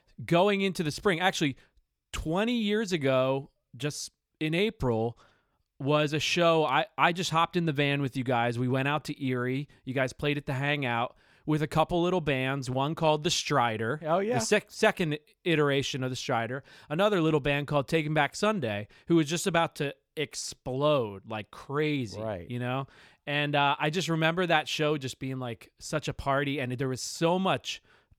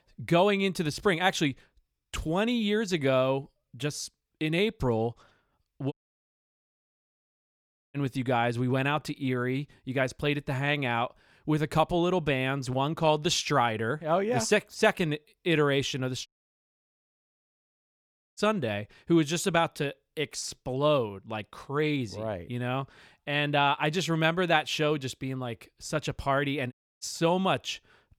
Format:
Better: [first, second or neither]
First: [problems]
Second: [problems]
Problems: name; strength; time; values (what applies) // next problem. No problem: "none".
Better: first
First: none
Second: audio cutting out; at 6 s for 2 s, at 16 s for 2 s and at 27 s